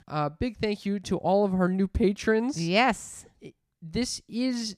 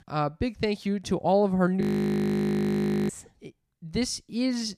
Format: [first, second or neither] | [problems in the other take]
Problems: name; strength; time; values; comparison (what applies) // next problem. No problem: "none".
first | audio freezing; at 2 s for 1.5 s